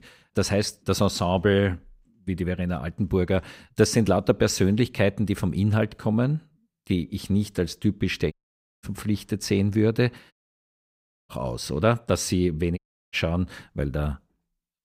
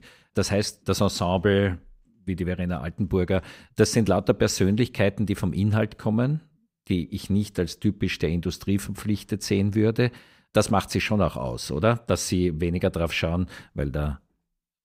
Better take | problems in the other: second | audio cutting out; at 8.5 s for 0.5 s, at 10 s for 1 s and at 13 s

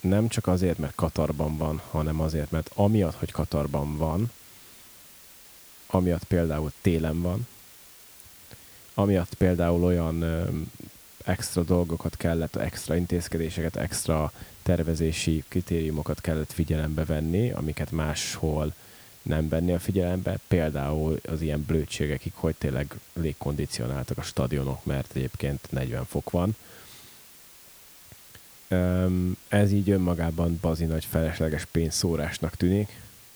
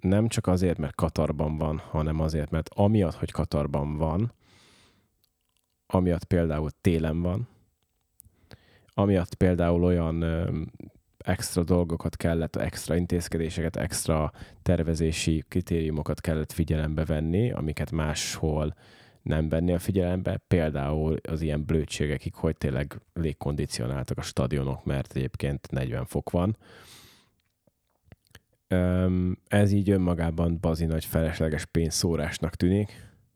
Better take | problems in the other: second | hiss; faint; throughout; 20 dB below the speech

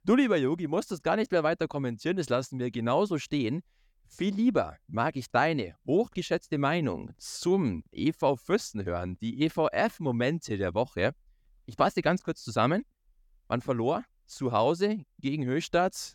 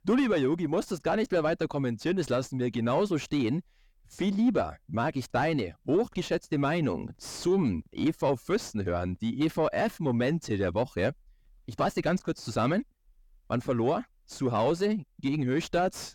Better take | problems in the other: first | distortion; slight; 10 dB below the speech

